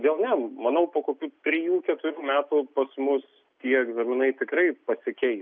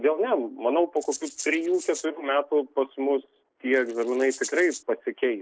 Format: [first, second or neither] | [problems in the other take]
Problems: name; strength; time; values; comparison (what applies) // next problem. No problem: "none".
first | noise reduction (neural separator model SepFormer DNS4)